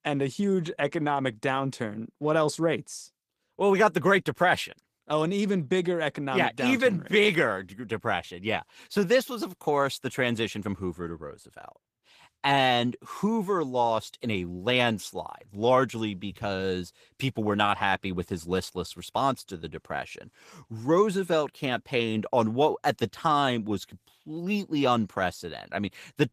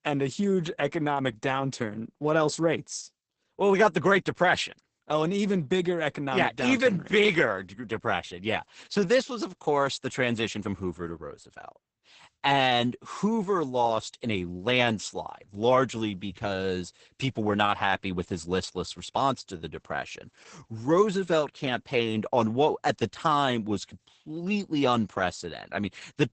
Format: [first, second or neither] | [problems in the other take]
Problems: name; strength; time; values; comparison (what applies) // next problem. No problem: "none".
first | garbled, watery; badly; nothing above 8 kHz; slightly in the first